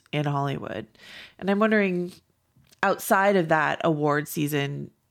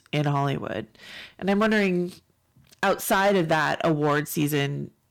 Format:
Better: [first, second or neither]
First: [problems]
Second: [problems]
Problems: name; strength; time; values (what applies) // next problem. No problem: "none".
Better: first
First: none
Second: distortion; slight; 6% of the sound clipped